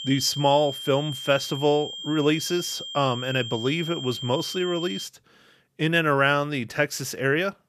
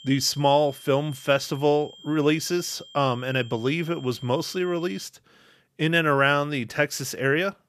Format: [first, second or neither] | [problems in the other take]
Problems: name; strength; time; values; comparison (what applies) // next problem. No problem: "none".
second | high-pitched whine; loud; until 5 s; 3 kHz, 9 dB below the speech; faint in the second